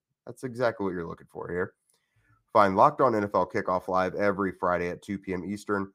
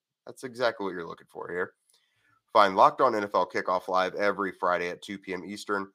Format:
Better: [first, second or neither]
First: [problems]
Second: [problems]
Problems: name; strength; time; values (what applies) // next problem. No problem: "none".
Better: first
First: none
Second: thin; very slightly; fading below 900 Hz